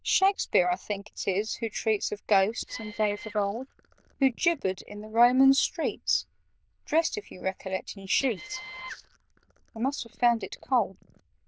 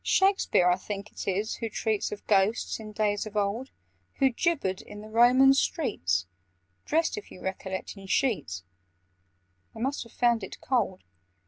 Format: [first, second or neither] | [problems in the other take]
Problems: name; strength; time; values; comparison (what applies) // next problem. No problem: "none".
second | noise reduction (neural diffusion model UNIVERSE++)